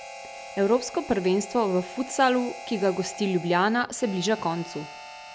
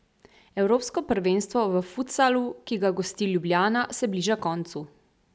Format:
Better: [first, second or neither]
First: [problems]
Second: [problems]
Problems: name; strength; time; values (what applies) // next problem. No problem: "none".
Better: second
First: background sound (Harmonica); 14 dB below the speech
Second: none